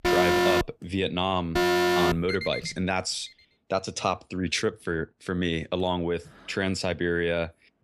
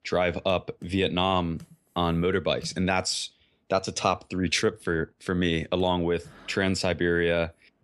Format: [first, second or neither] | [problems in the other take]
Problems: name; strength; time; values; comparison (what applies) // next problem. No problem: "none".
second | alarms or sirens; very loud; until 2.5 s; 4 dB above the speech